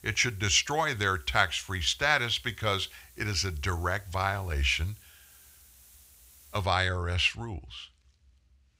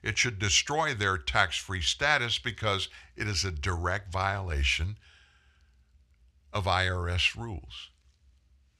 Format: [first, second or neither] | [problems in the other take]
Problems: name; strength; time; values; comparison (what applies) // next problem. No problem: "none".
second | hiss; faint; until 6.5 s; 25 dB below the speech